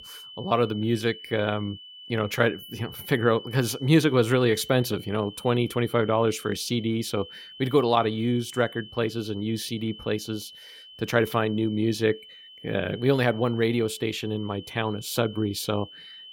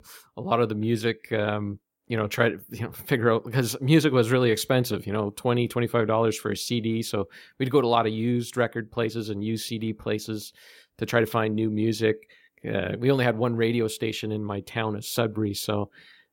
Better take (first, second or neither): second